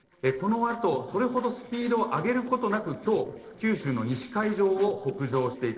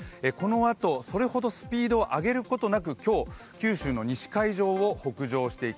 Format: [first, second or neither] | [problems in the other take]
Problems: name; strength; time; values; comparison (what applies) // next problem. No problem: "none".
second | noise reduction (neural separator model SepFormer DNS4)